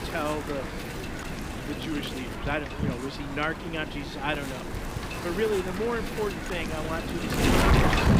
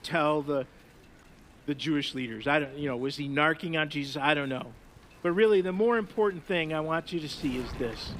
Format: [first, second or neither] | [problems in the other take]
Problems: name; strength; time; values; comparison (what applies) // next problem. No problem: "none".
second | wind noise on the microphone; heavy; 1 dB above the speech; occasional gusts in the second